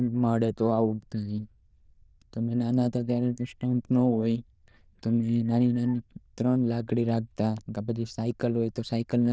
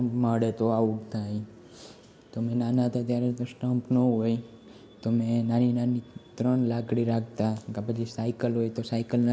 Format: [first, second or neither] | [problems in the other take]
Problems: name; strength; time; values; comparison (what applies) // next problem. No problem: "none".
second | noise reduction (neural diffusion model UNIVERSE++)